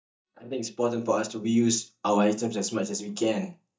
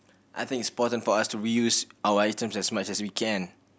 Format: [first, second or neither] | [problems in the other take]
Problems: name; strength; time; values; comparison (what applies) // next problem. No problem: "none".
second | noise reduction (neural mask model DeepFilterNet 3)